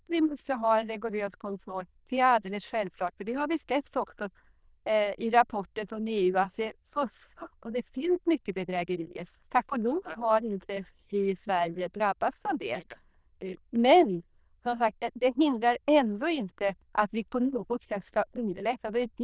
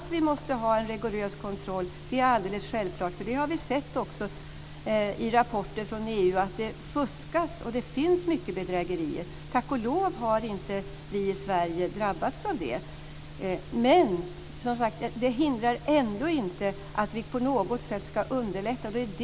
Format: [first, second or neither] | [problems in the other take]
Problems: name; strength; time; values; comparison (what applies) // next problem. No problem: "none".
second | noise reduction (neural diffusion model UNIVERSE++)